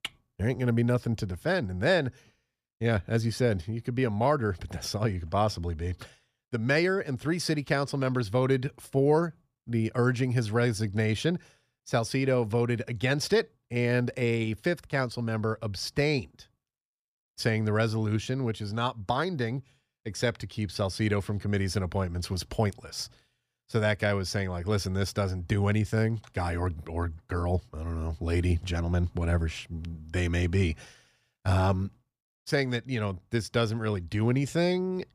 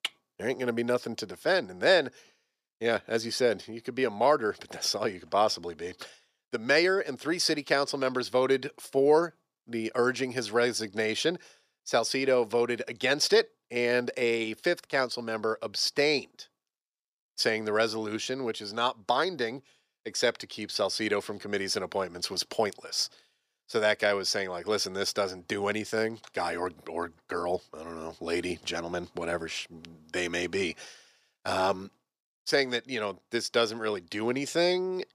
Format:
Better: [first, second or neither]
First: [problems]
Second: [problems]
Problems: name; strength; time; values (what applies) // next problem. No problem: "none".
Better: first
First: none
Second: thin; somewhat; fading below 400 Hz